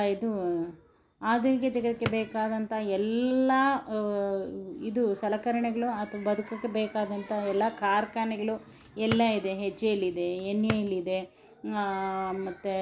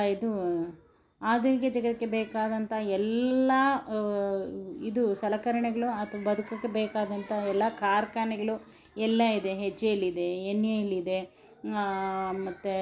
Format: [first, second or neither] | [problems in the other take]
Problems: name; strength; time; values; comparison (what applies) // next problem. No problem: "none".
second | background sound (Drawer open or close); 12 dB below the speech